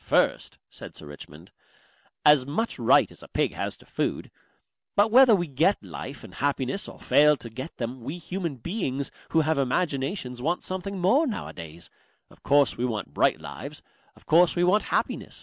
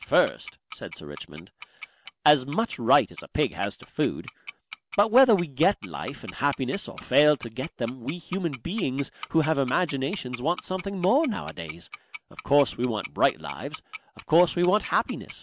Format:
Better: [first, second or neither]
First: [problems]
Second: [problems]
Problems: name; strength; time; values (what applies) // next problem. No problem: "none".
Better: first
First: none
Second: background sound (Tick-tock); 18 dB below the speech